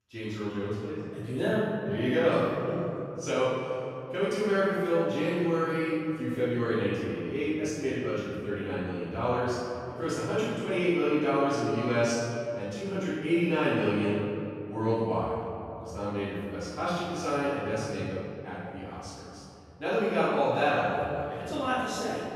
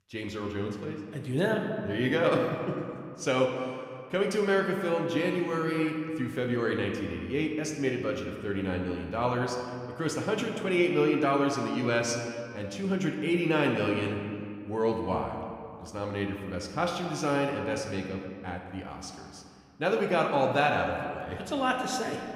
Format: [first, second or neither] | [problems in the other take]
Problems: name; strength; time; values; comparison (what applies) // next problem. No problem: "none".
second | room echo; strong; dies away in 2.7 s; slight in the second // off-mic speech; far